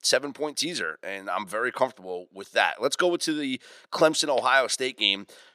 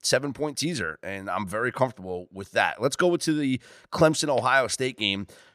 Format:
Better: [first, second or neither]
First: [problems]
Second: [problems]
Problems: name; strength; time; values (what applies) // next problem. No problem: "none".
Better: second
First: thin; very slightly; fading below 300 Hz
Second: none